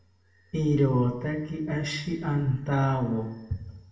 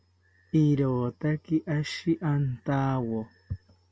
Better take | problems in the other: second | room echo; dies away in 0.7 s

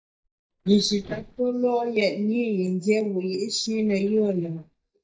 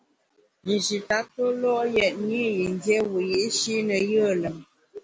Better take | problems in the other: second | noise reduction (neural mask model DeepFilterNet 3)

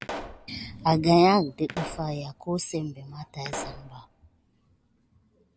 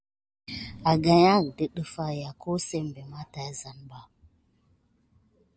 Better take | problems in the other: second | background sound (Explosion); 14 dB below the speech

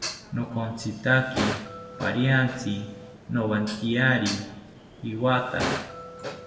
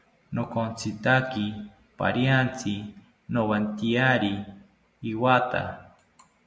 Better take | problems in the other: second | background sound (Dishes, pots, and pans); 9 dB below the speech // room echo; dies away in 1 s

